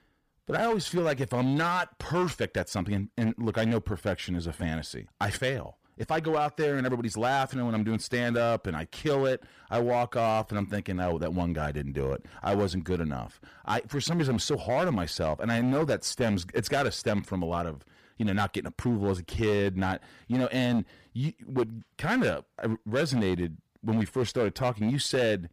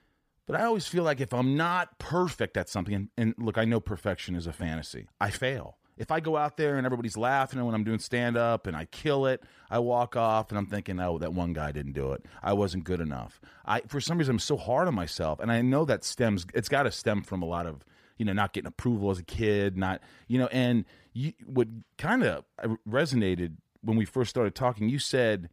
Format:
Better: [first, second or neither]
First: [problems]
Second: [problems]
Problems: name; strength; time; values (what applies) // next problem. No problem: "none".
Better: second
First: distortion; slight; 8% of the sound clipped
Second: none